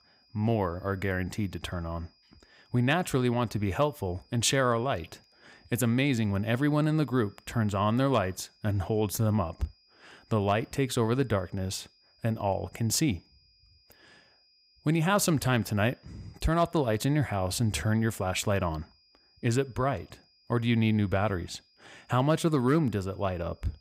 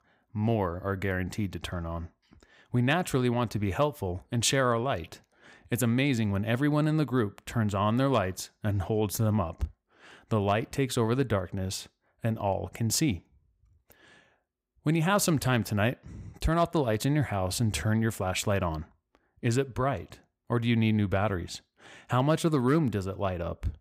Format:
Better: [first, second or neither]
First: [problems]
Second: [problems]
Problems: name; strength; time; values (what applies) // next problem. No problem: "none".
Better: second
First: high-pitched whine; faint; throughout; 5 kHz, 35 dB below the speech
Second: none